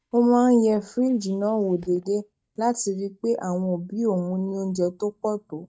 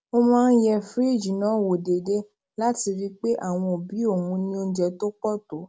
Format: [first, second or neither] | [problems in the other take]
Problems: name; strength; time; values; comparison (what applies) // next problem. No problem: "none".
second | noise reduction (neural mask model DeepFilterNet 3)